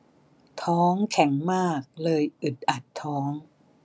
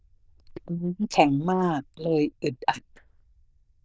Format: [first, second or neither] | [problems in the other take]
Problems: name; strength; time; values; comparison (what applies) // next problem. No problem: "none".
first | noise reduction (neural diffusion model UNIVERSE++)